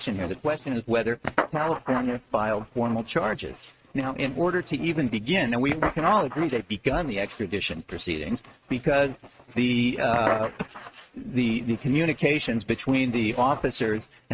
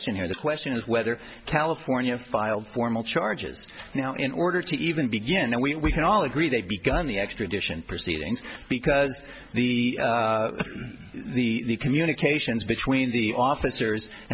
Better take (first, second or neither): second